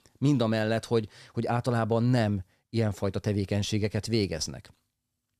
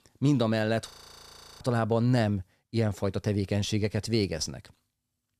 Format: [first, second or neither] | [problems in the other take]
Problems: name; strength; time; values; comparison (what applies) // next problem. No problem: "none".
first | audio freezing; at 1 s for 0.5 s